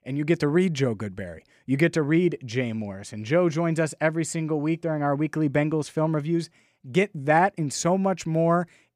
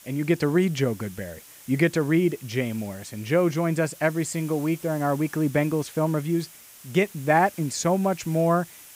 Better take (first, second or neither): first